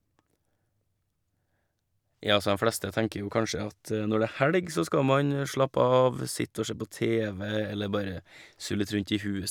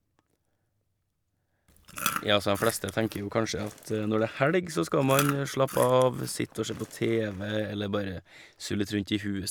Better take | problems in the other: first | background sound (Chewing, mastication); 10 dB below the speech

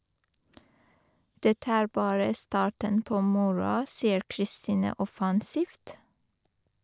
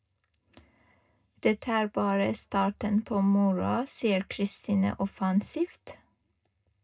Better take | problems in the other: first | room echo; dies away in 0.2 s

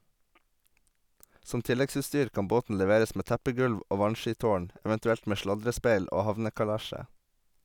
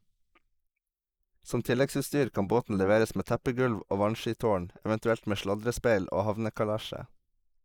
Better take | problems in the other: first | noise reduction (neural mask model Resemble Enhance denoiser)

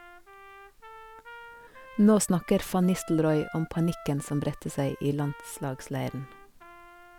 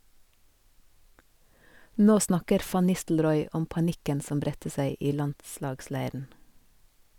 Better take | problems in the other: second | background sound (Trumpet); 19 dB below the speech

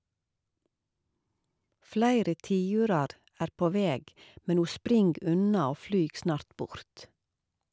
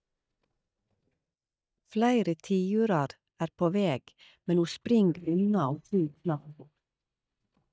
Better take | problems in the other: first | noise reduction (neural mask model DeepFilterNet 3)

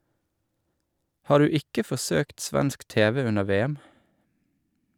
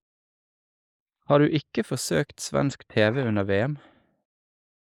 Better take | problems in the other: first | noise reduction (neural mask model Resemble Enhance denoiser)

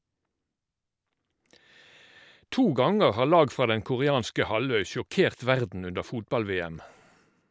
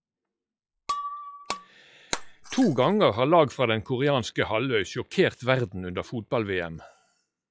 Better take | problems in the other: first | noise reduction (classical method log-MMSE)

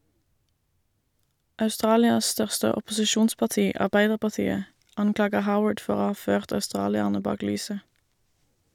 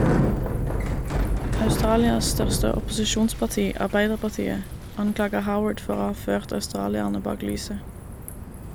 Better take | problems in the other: first | background sound (Bicycle); 1 dB below the speech

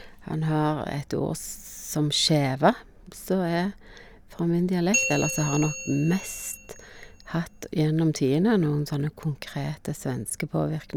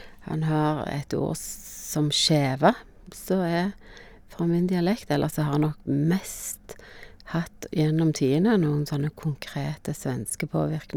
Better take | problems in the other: second | background sound (Bell); 7 dB below the speech

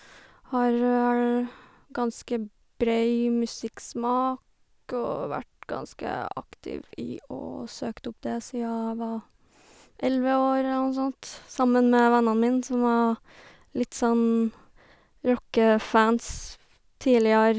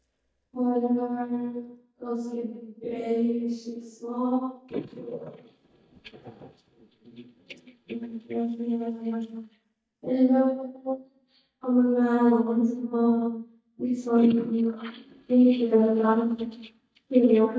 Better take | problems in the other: first | noise reduction (neural mask model DeepFilterNet 3)

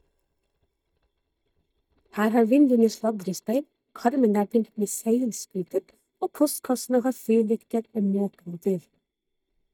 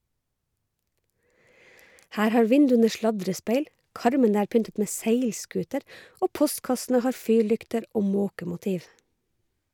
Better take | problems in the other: second | noise reduction (neural mask model DeepFilterNet 3)

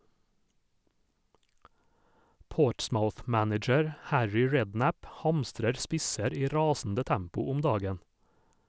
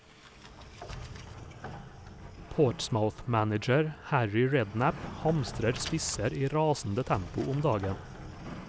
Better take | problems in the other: first | background sound (Sliding door); 13 dB below the speech

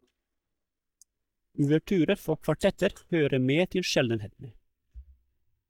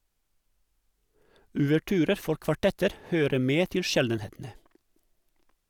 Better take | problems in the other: second | noise reduction (neural mask model DeepFilterNet 3)

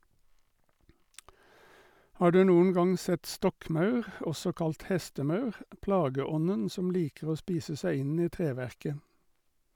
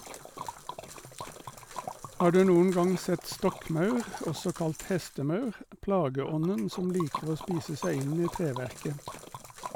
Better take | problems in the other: first | background sound (Liquid); 13 dB below the speech

